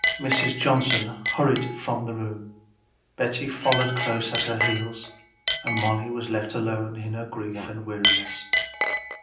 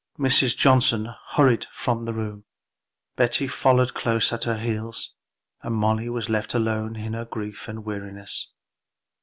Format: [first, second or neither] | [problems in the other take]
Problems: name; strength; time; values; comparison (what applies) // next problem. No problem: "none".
second | background sound (Chink, clink); 2 dB below the speech // room echo; dies away in 0.6 s